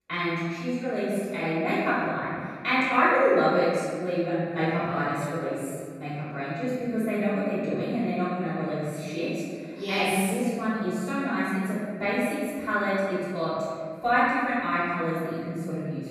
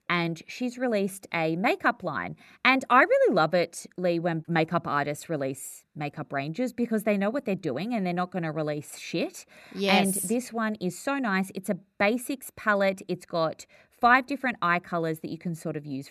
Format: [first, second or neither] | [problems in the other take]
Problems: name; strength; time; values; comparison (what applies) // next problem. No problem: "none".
second | off-mic speech; far // room echo; strong; dies away in 1.8 s